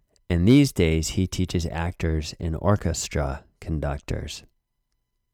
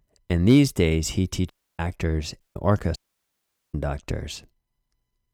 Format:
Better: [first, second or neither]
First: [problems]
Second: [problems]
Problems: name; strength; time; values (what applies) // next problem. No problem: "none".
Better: first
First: none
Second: audio cutting out; at 1.5 s, at 2.5 s and at 3 s for 1 s